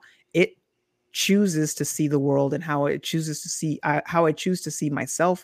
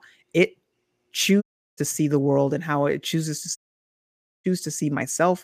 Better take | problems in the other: first | audio cutting out; at 1.5 s and at 3.5 s for 1 s

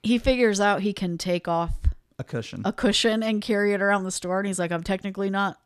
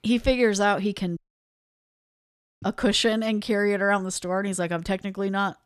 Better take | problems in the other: first | audio cutting out; at 1 s for 1.5 s

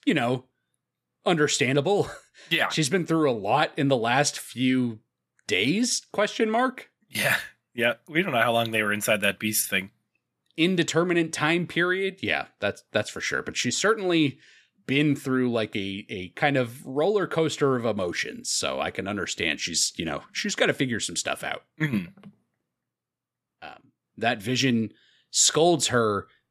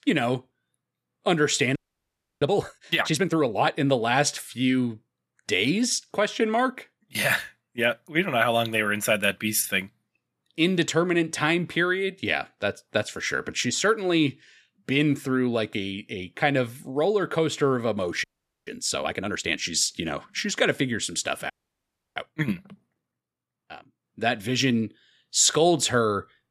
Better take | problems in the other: first | audio freezing; at 2 s for 0.5 s, at 18 s and at 22 s for 0.5 s

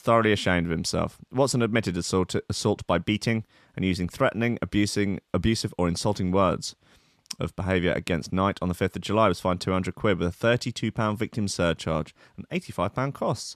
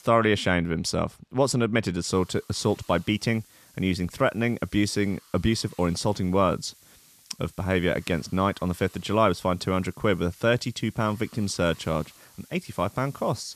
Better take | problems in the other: first | hiss; faint; from 2 s on; 25 dB below the speech

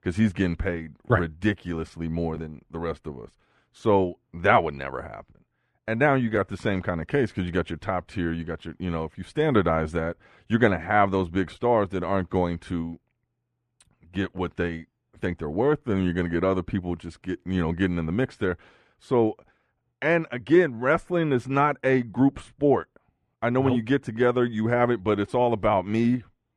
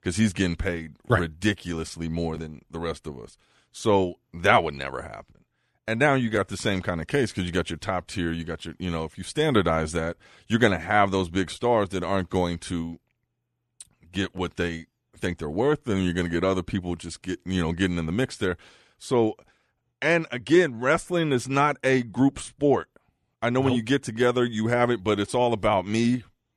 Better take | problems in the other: second | muffled; slightly; fading above 3 kHz

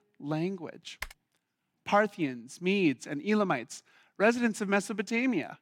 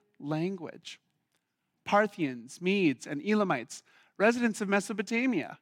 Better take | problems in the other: second | keyboard typing; faint; at 1 s; peak 15 dB below the speech

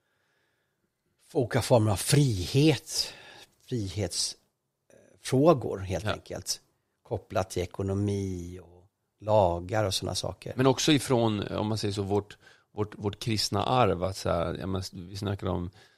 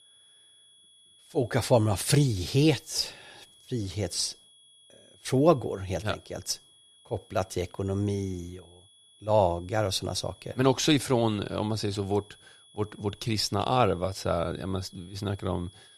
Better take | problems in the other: first | high-pitched whine; faint; throughout; 3.5 kHz, 25 dB below the speech

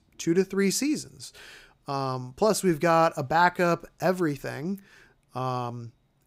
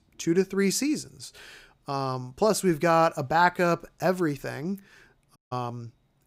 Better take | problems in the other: first | audio cutting out; at 5.5 s

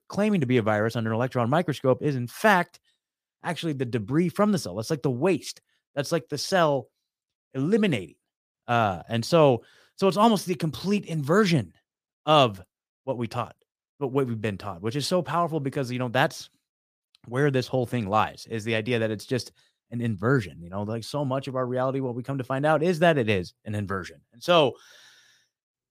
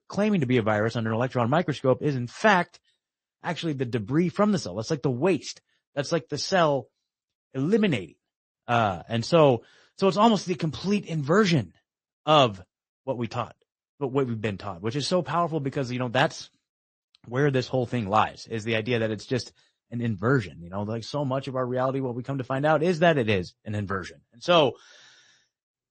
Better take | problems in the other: first | garbled, watery; slightly; nothing above 8 kHz

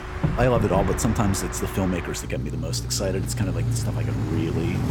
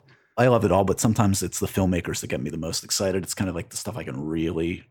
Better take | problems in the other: second | traffic noise; loud; throughout; 2 dB below the speech

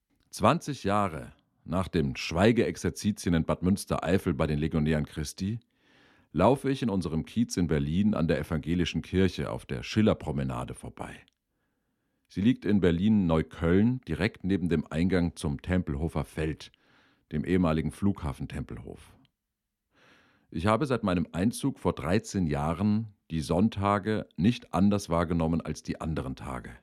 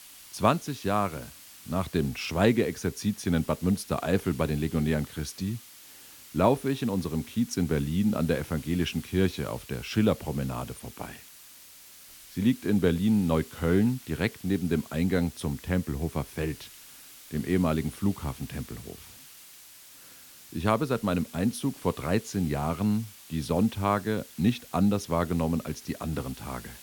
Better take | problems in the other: first | hiss; noticeable; throughout; 20 dB below the speech

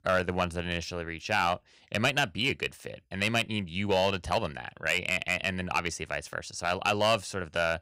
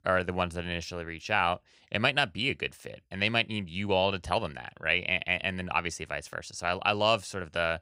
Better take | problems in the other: second | distortion; slight; 1.9% of the sound clipped

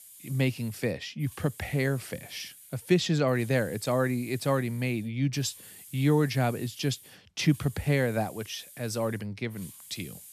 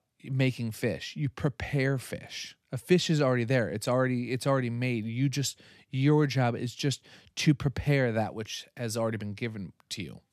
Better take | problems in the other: second | hiss; noticeable; throughout; 20 dB below the speech

